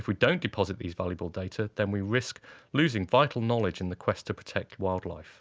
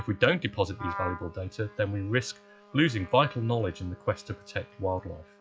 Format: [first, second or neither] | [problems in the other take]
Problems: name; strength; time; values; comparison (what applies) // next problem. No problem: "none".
first | noise reduction (classical method log-MMSE)